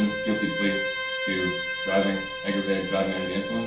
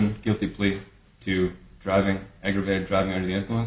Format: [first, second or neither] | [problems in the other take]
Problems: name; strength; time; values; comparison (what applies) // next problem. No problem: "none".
second | background sound (Bowed string instrument); 3 dB below the speech // room echo; dies away in 0.4 s